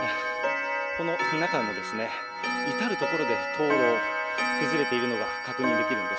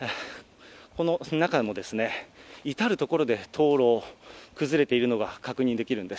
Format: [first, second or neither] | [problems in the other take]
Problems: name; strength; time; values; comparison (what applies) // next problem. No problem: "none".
second | background sound (Clock); 3 dB above the speech